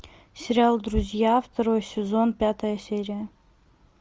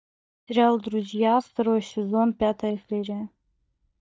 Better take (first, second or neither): first